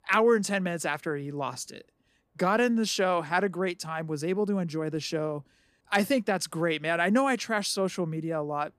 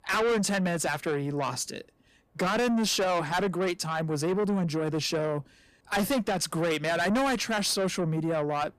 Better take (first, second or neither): first